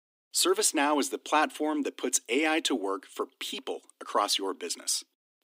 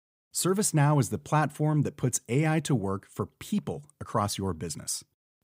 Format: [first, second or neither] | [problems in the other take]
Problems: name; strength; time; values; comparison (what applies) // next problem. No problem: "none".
second | thin; somewhat; fading below 250 Hz